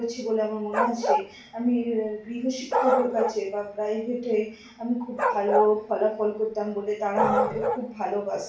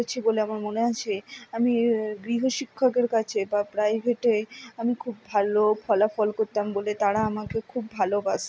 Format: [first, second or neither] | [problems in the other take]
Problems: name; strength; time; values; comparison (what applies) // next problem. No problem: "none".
second | background sound (Bark); 3 dB below the speech // room echo; dies away in 0.4 s